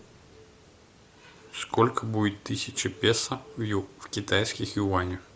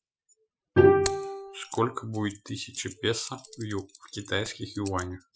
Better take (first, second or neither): first